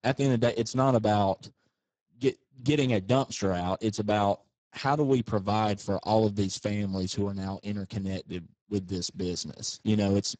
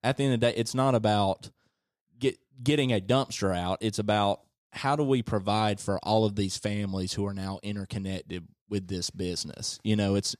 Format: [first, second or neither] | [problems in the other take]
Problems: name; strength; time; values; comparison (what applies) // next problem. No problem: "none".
second | garbled, watery; badly; nothing above 7.5 kHz